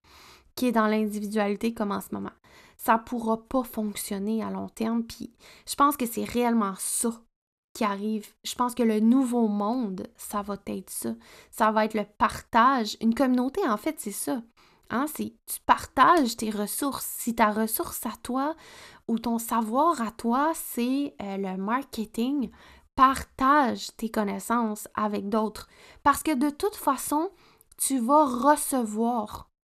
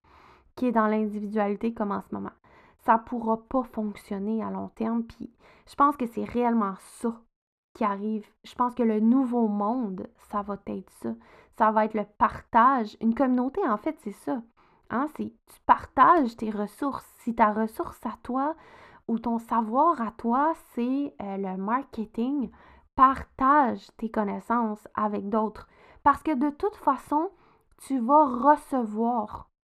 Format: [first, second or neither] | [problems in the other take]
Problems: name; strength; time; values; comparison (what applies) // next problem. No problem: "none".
first | muffled; very; fading above 3.5 kHz